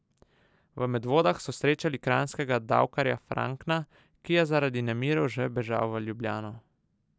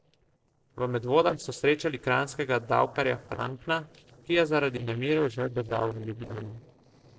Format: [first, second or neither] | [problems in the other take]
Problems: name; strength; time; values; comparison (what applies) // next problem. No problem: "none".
first | noise reduction (neural separator model SepFormer DNS4)